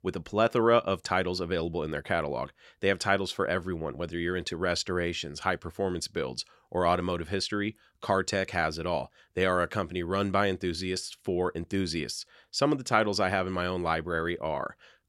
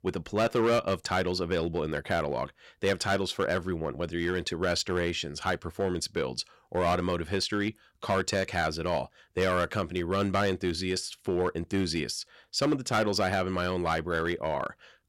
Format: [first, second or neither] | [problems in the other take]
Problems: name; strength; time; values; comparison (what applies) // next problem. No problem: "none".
first | distortion; slight; 4% of the sound clipped